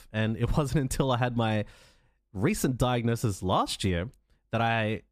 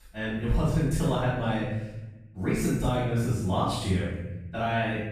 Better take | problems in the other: first | off-mic speech; far // room echo; strong; dies away in 1 s

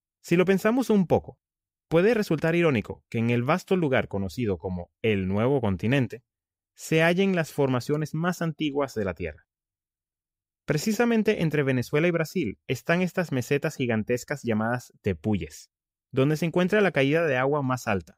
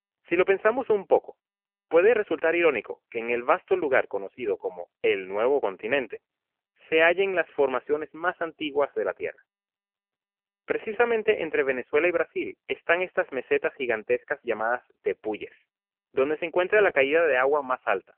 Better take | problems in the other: first | phone-call audio; poor line; nothing above 3 kHz

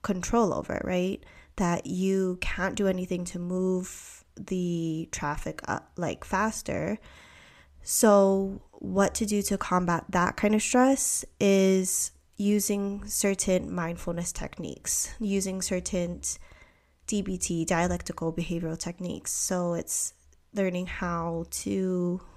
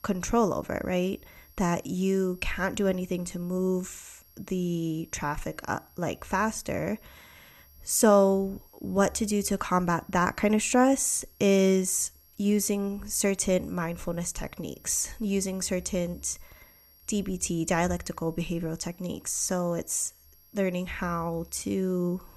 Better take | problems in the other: first | high-pitched whine; faint; throughout; 11.5 kHz, 30 dB below the speech

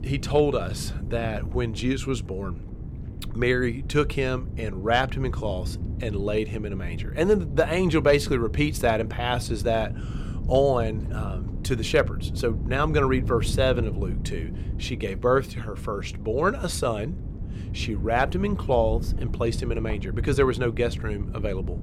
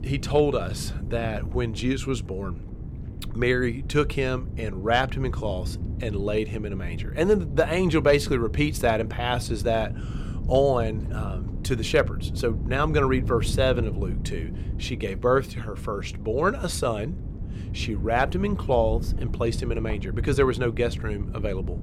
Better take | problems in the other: neither | wind noise on the microphone; occasional gusts; 20 dB below the speech; the same in both

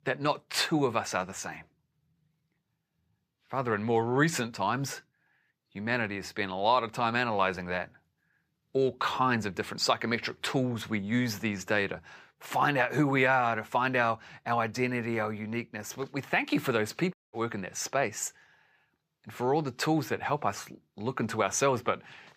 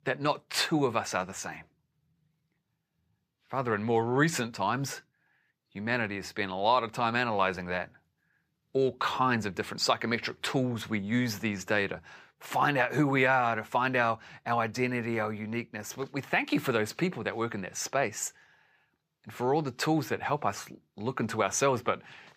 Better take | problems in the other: second | audio cutting out; at 17 s

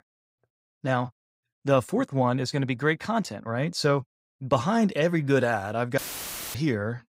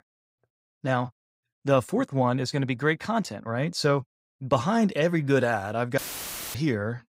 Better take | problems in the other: neither | audio cutting out; filled with static; at 6 s for 0.5 s; the same in both

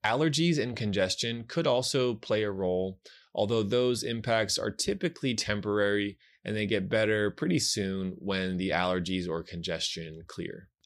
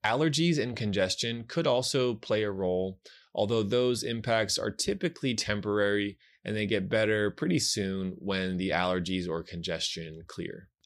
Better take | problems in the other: neither | none

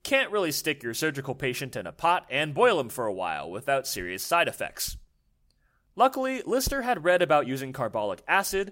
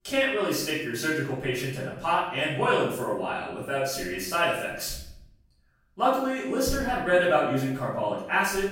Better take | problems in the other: first | off-mic speech; far // room echo; noticeable; dies away in 0.7 s

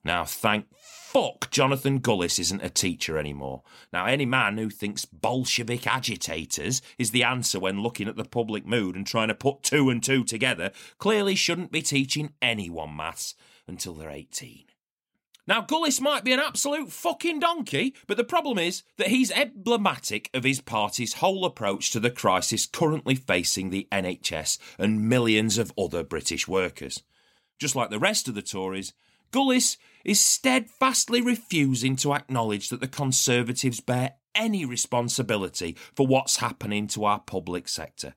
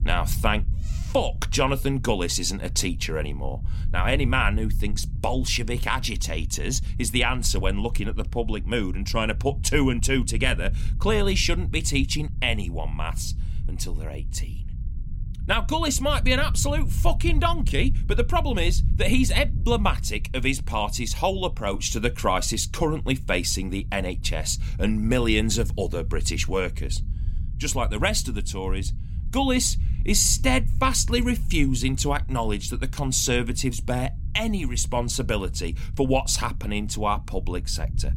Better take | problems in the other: first | low rumble; faint; throughout; 20 dB below the speech

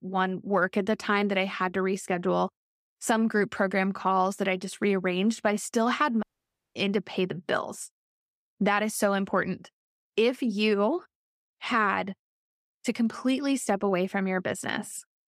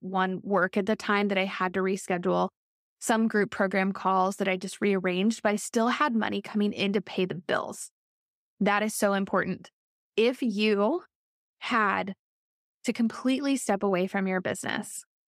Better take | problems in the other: second | audio cutting out; at 6 s for 0.5 s

